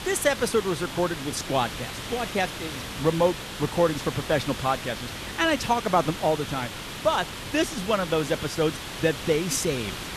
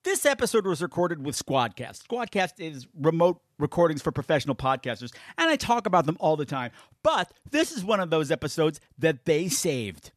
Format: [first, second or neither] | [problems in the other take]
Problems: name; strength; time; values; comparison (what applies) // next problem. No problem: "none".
second | hiss; loud; throughout; 8 dB below the speech